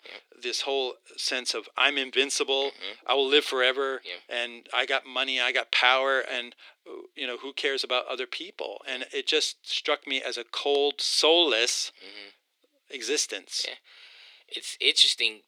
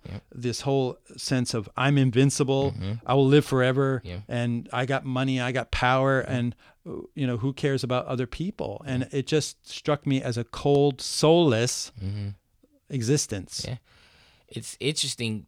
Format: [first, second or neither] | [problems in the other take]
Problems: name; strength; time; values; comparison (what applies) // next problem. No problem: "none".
second | thin; very; fading below 350 Hz